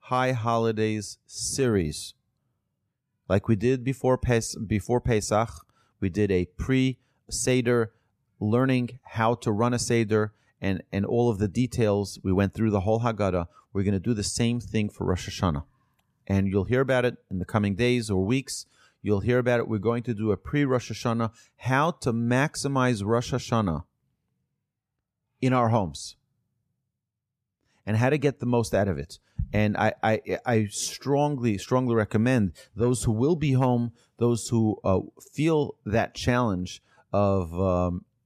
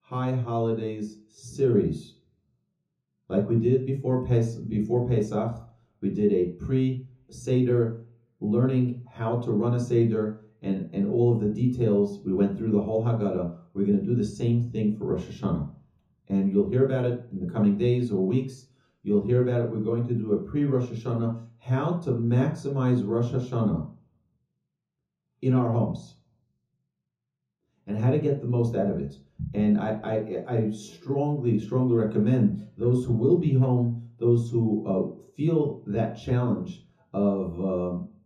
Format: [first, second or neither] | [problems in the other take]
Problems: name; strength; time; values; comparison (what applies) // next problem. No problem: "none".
first | room echo; noticeable; dies away in 0.6 s // off-mic speech; far